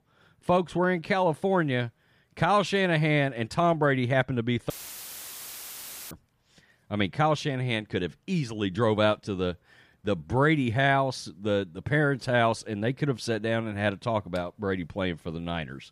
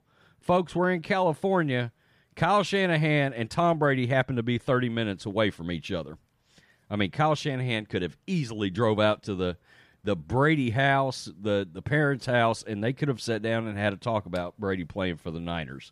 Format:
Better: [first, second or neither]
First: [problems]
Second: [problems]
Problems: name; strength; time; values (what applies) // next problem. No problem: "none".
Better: second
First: audio cutting out; filled with static; at 4.5 s for 1.5 s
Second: none